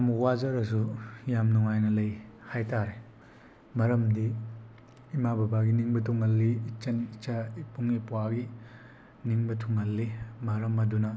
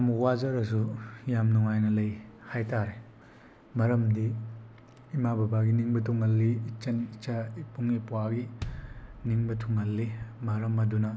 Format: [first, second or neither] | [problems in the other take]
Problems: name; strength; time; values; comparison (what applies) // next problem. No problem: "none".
first | background sound (Bass drum); 15 dB below the speech